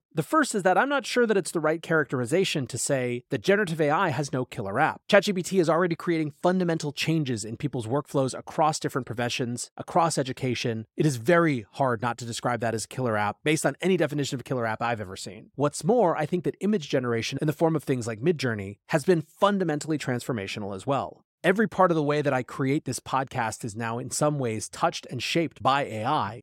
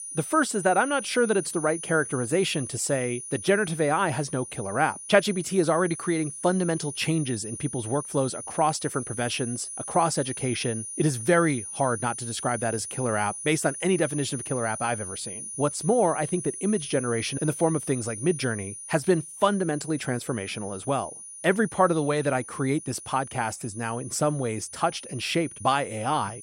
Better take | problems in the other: first | high-pitched whine; loud; throughout; 9.5 kHz, 9 dB below the speech

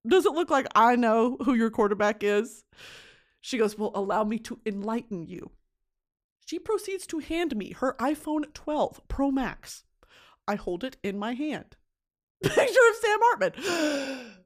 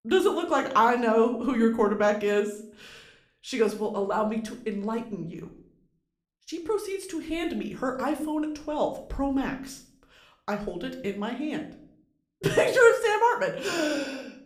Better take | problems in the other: first | room echo; slight; dies away in 0.5 s

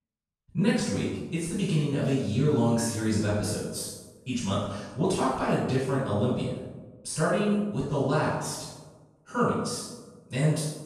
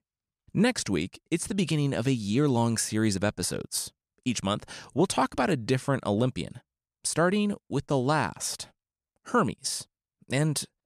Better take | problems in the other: second | room echo; strong; dies away in 0.9 s // off-mic speech; far

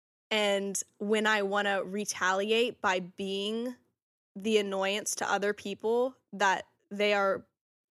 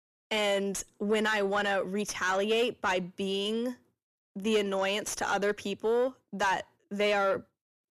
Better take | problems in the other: first | distortion; slight; 10 dB below the speech

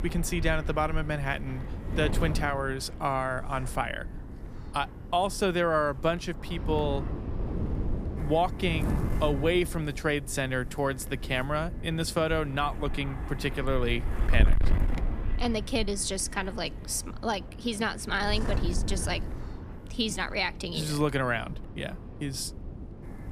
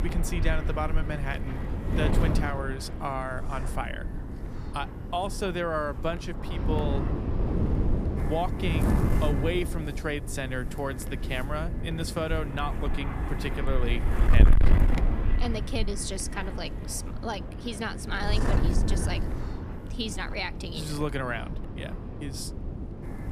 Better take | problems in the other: first | wind noise on the microphone; heavy; 5 dB below the speech; occasional gusts in the first

